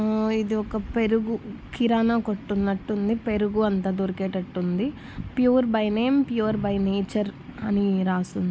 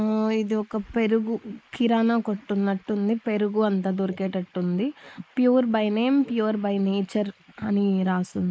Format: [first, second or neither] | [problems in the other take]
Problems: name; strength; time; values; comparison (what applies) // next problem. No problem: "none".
first | noise reduction (neural mask model Resemble Enhance denoiser)